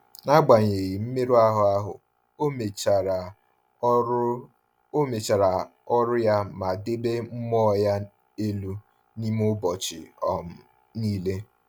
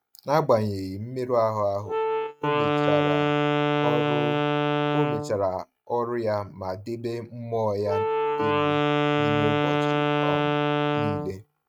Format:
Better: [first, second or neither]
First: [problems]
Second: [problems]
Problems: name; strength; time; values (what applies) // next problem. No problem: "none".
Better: first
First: none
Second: noise reduction (neural mask model RNNoise)